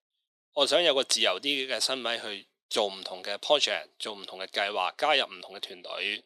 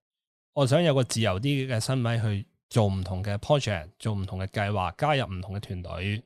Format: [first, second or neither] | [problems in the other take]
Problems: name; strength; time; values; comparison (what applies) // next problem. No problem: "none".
second | thin; very; fading below 350 Hz